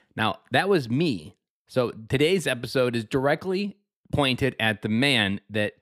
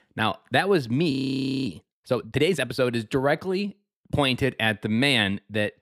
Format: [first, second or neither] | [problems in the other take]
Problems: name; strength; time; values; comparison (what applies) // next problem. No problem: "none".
first | audio freezing; at 1 s for 0.5 s